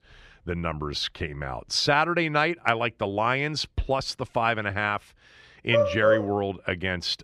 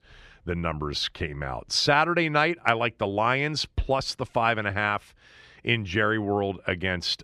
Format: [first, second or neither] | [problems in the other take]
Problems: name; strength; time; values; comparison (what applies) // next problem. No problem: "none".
second | dog barking; loud; at 5.5 s; peak 4 dB above the speech